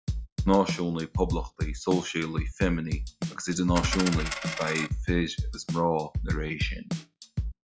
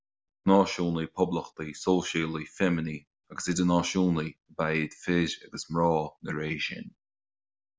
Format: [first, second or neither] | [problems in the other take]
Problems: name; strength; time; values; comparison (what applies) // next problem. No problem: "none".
second | noise reduction (classical method log-MMSE)